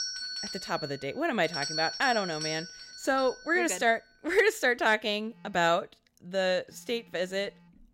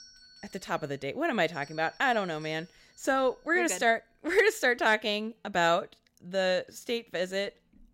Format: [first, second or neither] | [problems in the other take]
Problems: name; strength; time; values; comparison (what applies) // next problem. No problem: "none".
second | alarms or sirens; loud; throughout; 8 dB below the speech; faint in the second